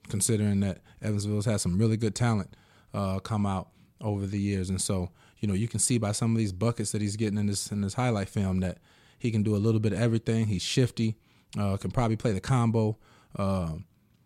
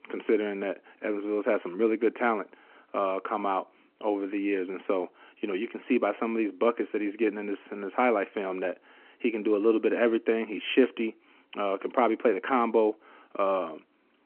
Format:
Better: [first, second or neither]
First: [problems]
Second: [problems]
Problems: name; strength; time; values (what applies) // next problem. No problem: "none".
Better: first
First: none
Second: phone-call audio